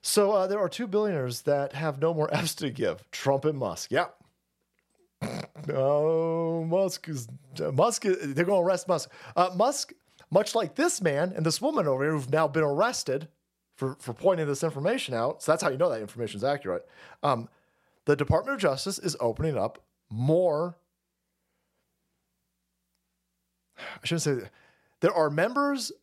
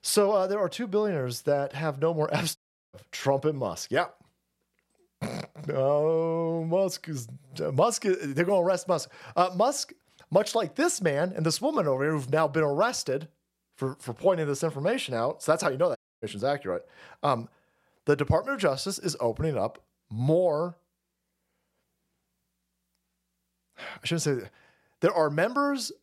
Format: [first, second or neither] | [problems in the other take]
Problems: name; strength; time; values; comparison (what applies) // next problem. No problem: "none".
first | audio cutting out; at 2.5 s and at 16 s